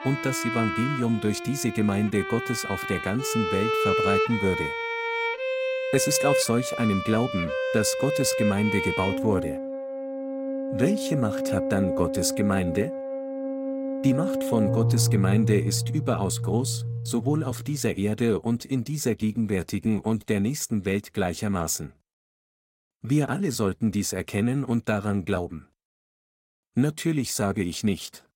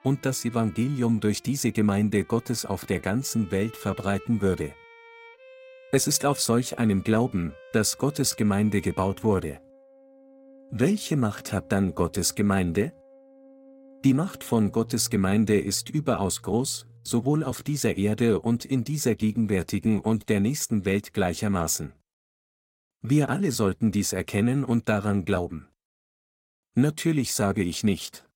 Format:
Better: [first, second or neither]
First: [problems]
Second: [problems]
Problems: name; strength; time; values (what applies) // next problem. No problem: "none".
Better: second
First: background music; loud; until 18 s; 2 dB below the speech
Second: background music; faint; until 18 s; 25 dB below the speech